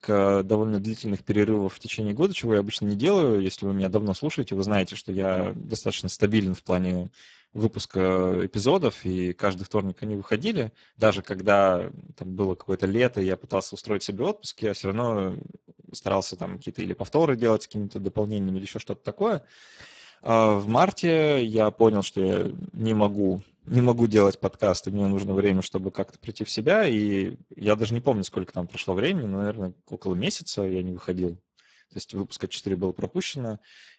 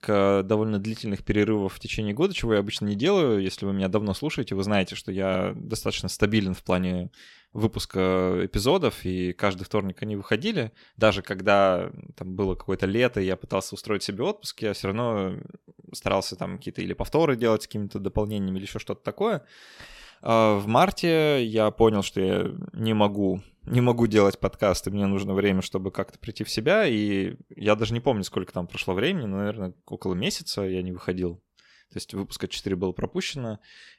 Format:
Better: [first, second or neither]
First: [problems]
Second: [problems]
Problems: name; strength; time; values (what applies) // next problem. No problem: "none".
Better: second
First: garbled, watery; badly; nothing above 7.5 kHz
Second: none